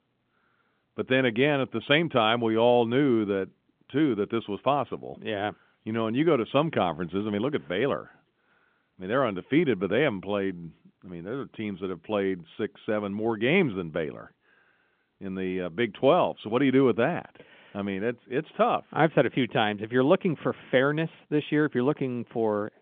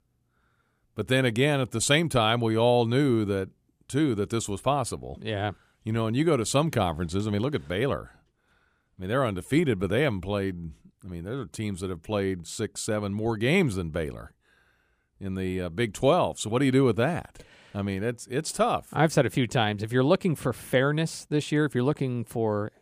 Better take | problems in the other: second | phone-call audio; nothing above 3.5 kHz

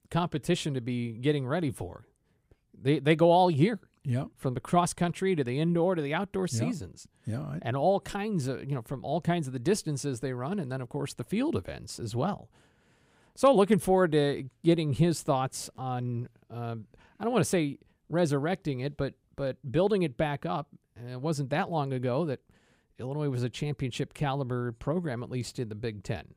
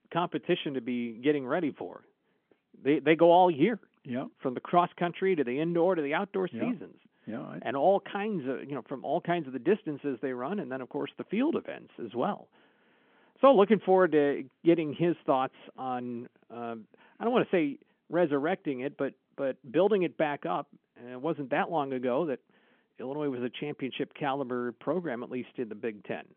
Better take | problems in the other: first | phone-call audio; nothing above 3.5 kHz

